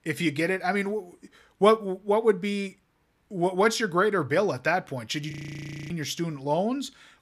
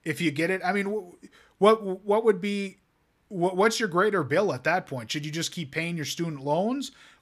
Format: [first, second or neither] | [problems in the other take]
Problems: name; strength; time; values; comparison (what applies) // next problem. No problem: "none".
second | audio freezing; at 5.5 s for 0.5 s